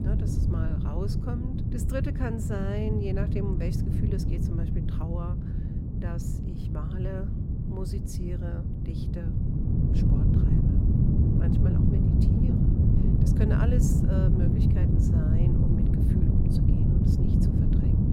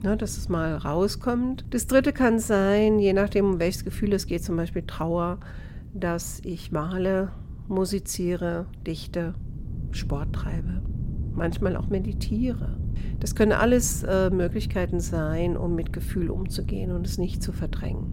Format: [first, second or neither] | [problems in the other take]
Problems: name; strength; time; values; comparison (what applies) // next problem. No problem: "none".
second | wind noise on the microphone; heavy; 4 dB above the speech; occasional gusts in the second